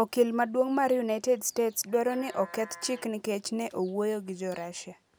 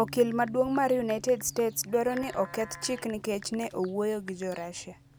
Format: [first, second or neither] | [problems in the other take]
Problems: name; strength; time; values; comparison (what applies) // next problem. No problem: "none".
first | background sound (Bass guitar + Typing); 18 dB below the speech